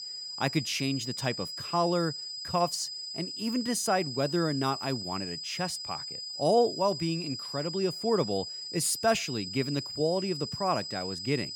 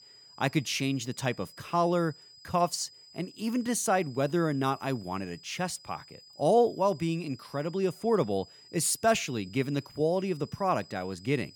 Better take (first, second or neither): second